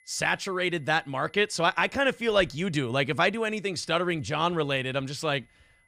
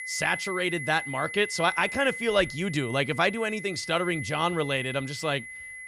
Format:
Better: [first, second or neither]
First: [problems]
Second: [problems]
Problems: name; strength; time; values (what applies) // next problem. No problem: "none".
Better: first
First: high-pitched whine; faint; throughout; 2 kHz, 35 dB below the speech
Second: high-pitched whine; loud; throughout; 2 kHz, 9 dB below the speech